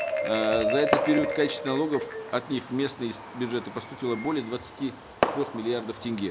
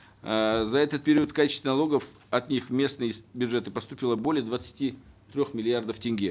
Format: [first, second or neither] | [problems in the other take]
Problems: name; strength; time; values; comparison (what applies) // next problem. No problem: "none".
second | background sound (Marimba, xylophone + Fireworks); 2 dB below the speech